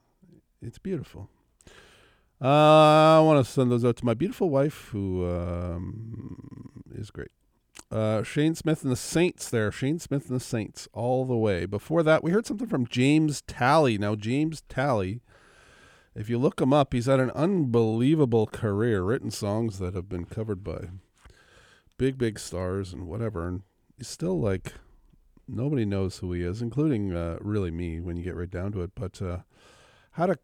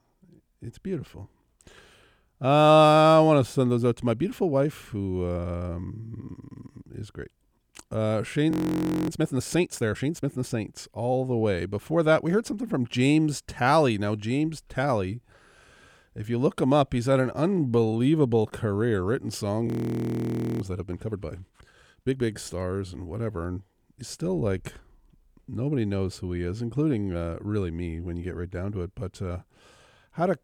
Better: first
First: none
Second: audio freezing; at 8.5 s for 0.5 s and at 20 s for 1 s

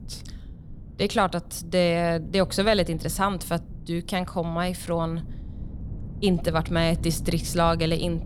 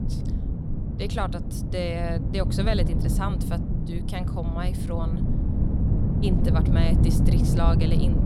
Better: first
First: wind noise on the microphone; occasional gusts; 25 dB below the speech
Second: wind noise on the microphone; heavy; 3 dB below the speech

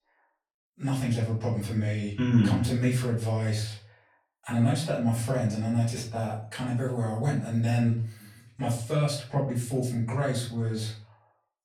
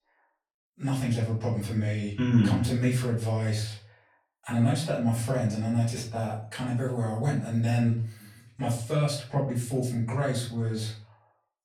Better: neither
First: room echo; slight; dies away in 0.4 s // off-mic speech; far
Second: room echo; slight; dies away in 0.4 s // off-mic speech; far

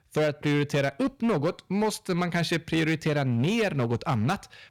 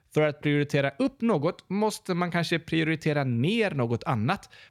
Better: second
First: distortion; slight; 12% of the sound clipped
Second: none

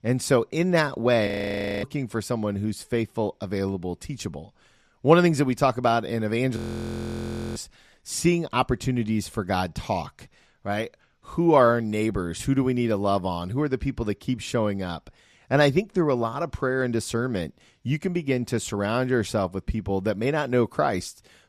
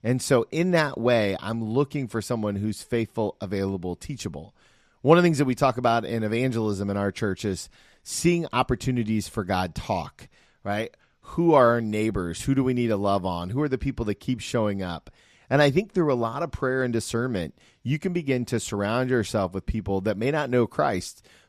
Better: second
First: audio freezing; at 1.5 s for 0.5 s and at 6.5 s for 1 s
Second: none

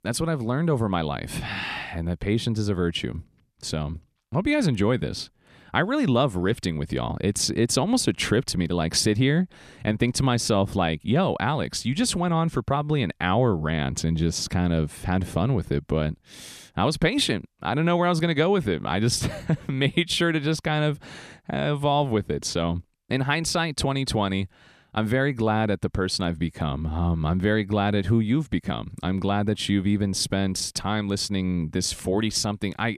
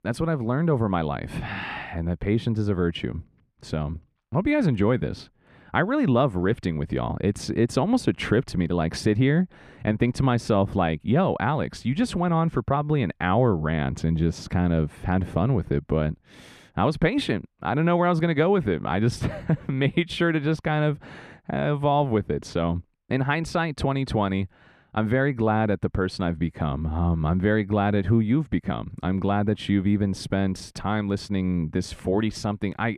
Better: first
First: none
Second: muffled; slightly; fading above 3 kHz

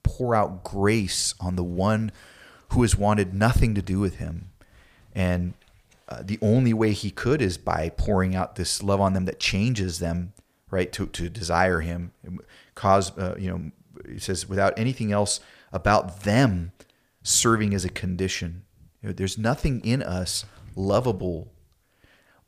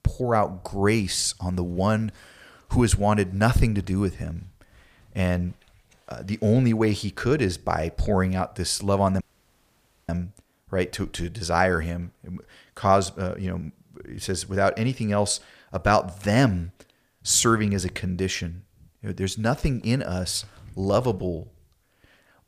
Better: first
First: none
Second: audio cutting out; at 9 s for 1 s

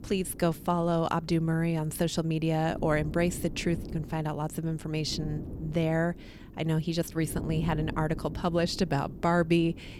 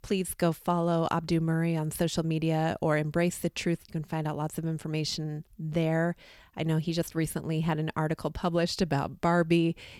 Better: second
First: wind noise on the microphone; occasional gusts; 20 dB below the speech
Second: none

